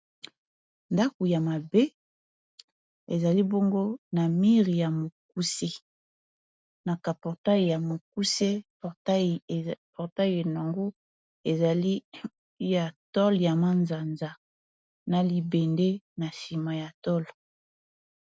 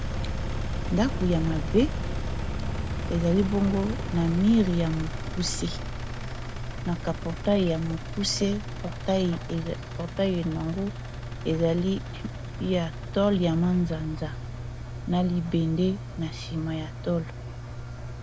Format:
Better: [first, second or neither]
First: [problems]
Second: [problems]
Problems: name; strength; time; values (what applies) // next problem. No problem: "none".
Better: first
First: none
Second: background sound (Engine); 5 dB below the speech